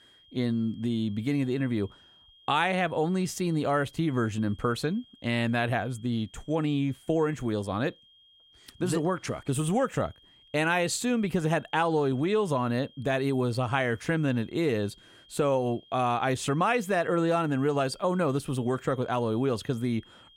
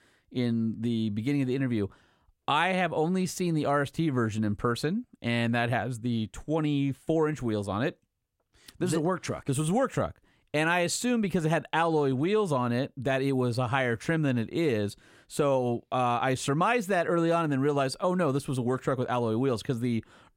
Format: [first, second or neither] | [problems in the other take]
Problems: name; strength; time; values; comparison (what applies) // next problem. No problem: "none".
second | high-pitched whine; faint; throughout; 3 kHz, 25 dB below the speech